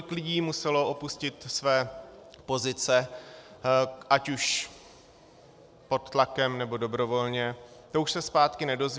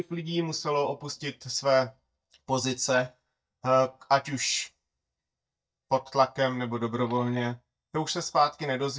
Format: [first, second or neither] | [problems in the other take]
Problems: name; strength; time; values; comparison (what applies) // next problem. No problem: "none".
first | noise reduction (neural mask model DeepFilterNet 3)